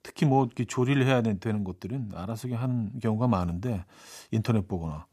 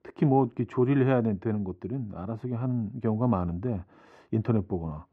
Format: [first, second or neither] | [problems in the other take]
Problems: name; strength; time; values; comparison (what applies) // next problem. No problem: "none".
first | muffled; very; fading above 4 kHz